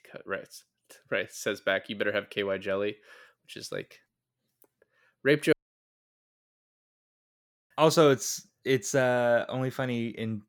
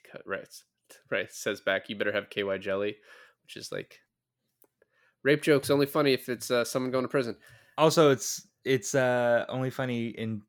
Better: second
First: audio cutting out; at 5.5 s for 2 s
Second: none

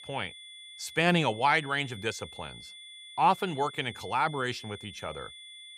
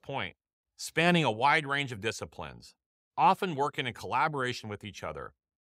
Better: second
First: high-pitched whine; noticeable; throughout; 3.5 kHz, 15 dB below the speech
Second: none

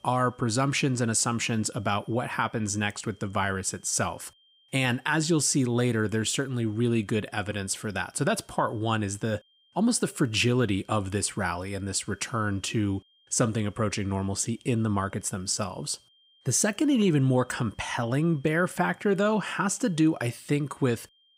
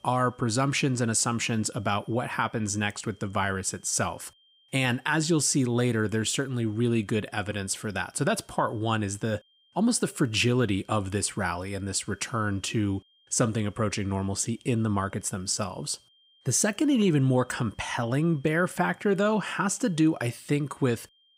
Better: neither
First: high-pitched whine; faint; throughout; 3 kHz, 35 dB below the speech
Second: high-pitched whine; faint; throughout; 3 kHz, 35 dB below the speech

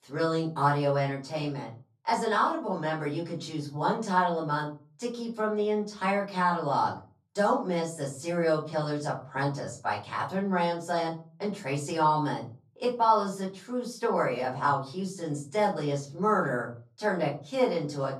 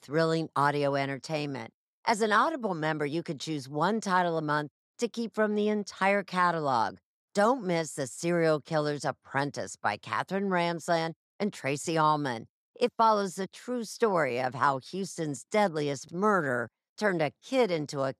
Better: second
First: room echo; slight; dies away in 0.4 s // off-mic speech; far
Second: none

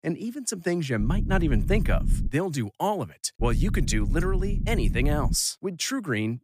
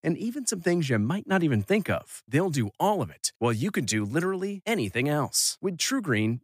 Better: second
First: low rumble; noticeable; from 1 to 2.5 s and from 3.5 to 5.5 s; 15 dB below the speech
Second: none

